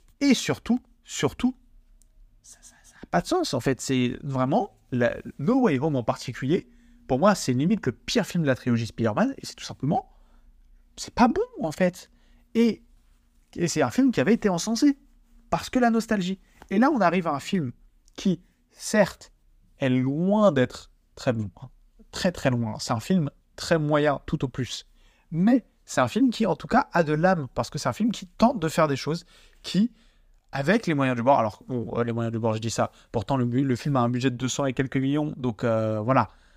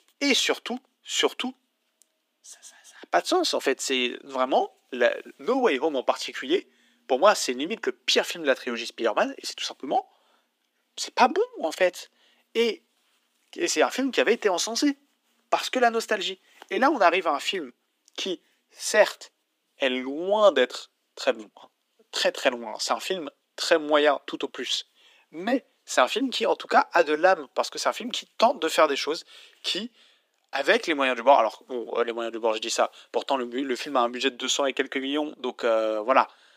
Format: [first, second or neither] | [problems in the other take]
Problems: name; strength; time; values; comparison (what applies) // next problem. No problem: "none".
first | thin; somewhat; fading below 300 Hz